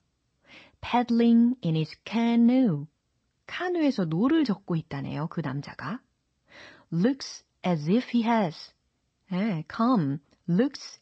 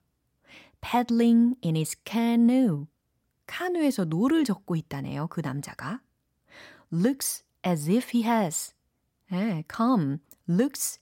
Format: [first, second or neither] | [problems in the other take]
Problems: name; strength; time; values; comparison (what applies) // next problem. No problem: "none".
second | garbled, watery; slightly; nothing above 7.5 kHz